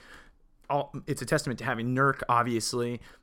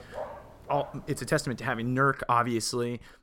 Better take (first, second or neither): first